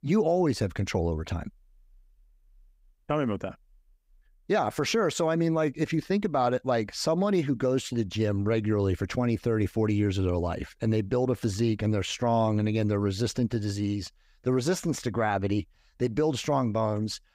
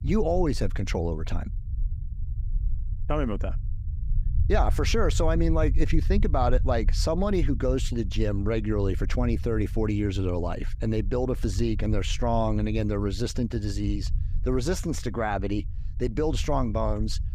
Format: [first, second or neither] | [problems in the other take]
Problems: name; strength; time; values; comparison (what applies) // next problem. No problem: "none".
first | low rumble; faint; throughout; 20 dB below the speech